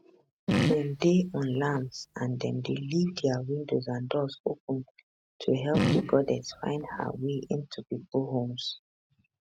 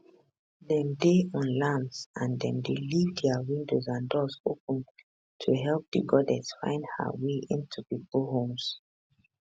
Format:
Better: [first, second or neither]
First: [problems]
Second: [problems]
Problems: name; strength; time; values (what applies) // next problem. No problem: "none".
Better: second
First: noise reduction (neural mask model RNNoise)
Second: none